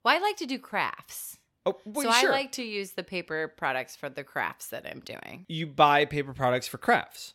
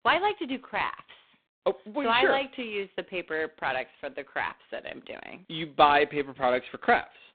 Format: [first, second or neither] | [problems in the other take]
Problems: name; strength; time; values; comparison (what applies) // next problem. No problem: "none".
first | phone-call audio; poor line; nothing above 4 kHz